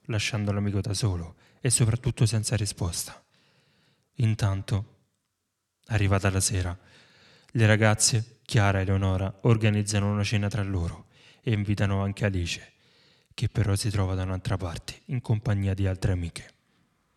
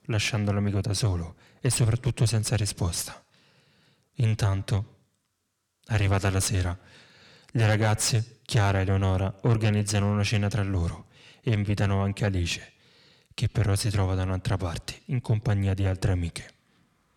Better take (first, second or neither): first